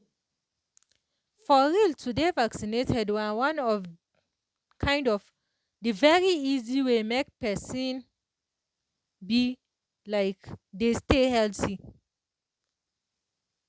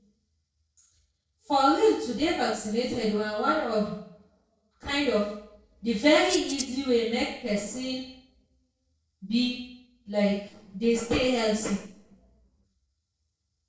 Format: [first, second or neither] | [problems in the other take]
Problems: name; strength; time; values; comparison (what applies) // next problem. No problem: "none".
first | noise reduction (neural separator model SepFormer DNS4)